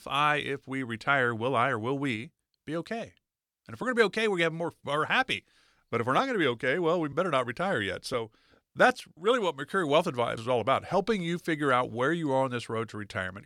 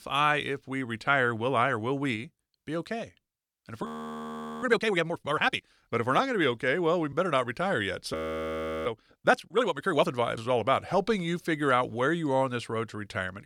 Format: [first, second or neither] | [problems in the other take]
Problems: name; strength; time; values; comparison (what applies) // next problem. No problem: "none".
first | audio freezing; at 4 s for 1 s and at 8 s for 0.5 s